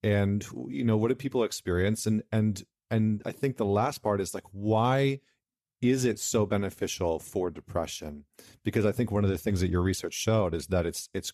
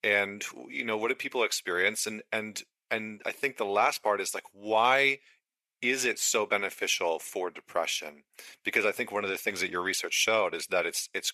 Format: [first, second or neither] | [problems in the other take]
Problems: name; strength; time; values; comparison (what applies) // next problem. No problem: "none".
first | thin; very; fading below 600 Hz